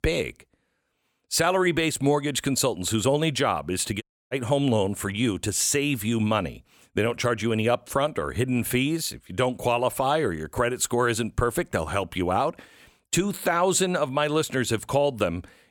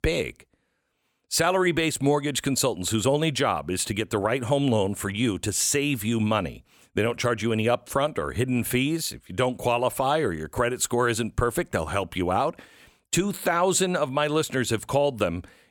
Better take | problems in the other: second | audio cutting out; at 4 s

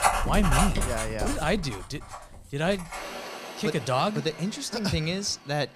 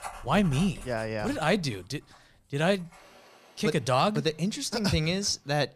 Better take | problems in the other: second | household noises; loud; throughout; 3 dB below the speech; faint in the second

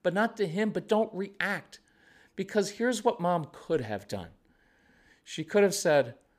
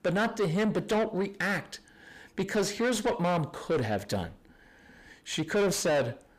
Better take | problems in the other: first | distortion; heavy; 6 dB below the speech

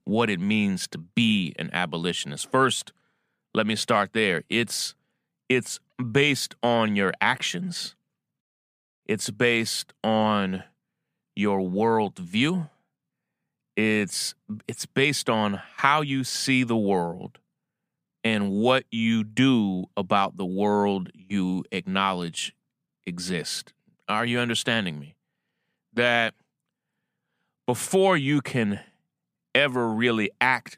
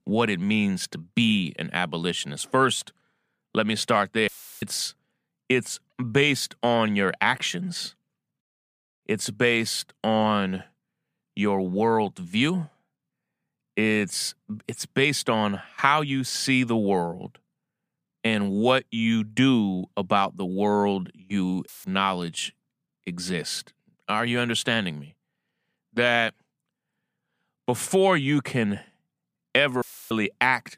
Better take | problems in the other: first | audio cutting out; filled with static; at 4.5 s, at 22 s and at 30 s

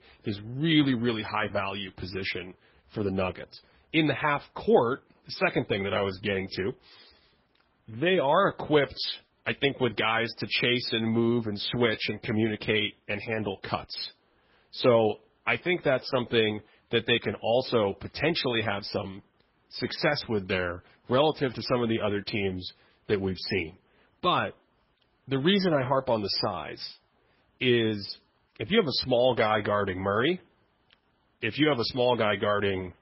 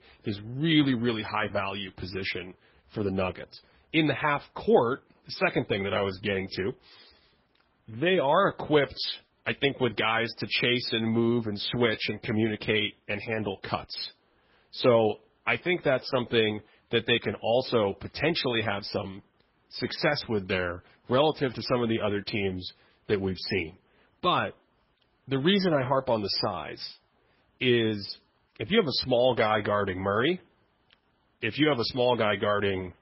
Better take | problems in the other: neither | garbled, watery; badly; nothing above 5.5 kHz; the same in both

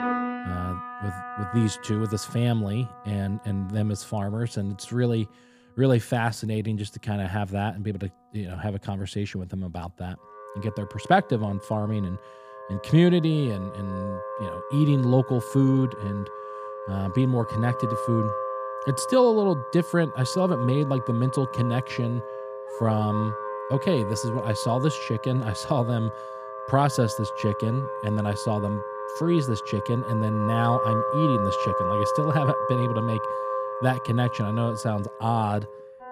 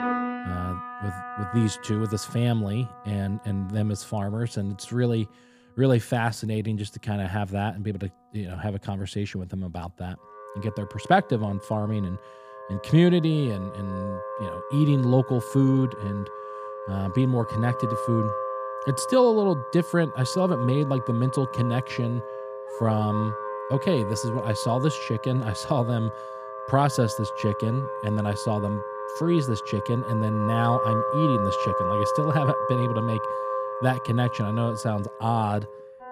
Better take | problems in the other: neither | background music; loud; throughout; 6 dB below the speech; the same in both

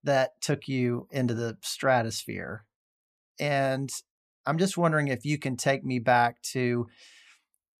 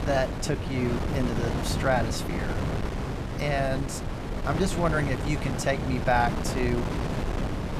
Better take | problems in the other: first | wind noise on the microphone; heavy; 5 dB below the speech

